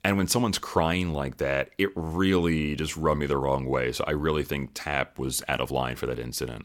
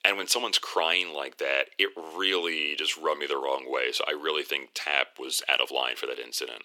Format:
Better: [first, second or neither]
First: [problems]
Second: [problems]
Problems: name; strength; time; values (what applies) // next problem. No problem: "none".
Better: first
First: none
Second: thin; very; fading below 350 Hz